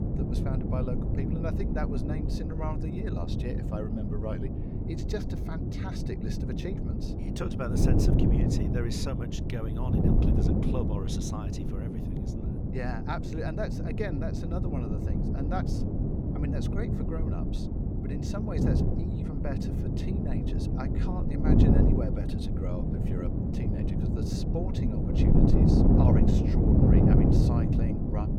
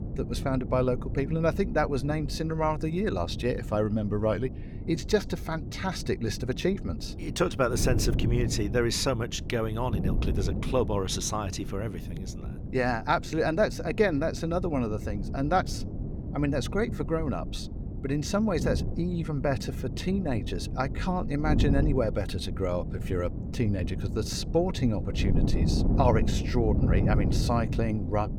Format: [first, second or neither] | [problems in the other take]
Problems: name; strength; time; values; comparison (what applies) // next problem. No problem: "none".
second | wind noise on the microphone; heavy; 4 dB above the speech; occasional gusts in the second